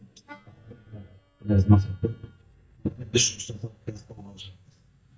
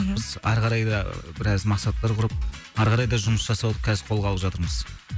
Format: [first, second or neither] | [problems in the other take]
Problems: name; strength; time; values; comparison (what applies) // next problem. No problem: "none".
second | noise reduction (neural mask model DeepFilterNet 3)